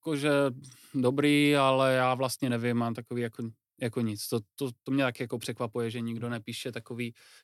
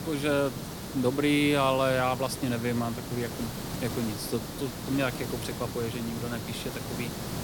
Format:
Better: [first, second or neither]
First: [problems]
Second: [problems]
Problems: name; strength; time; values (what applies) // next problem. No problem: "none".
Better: first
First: none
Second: hiss; loud; throughout; 7 dB below the speech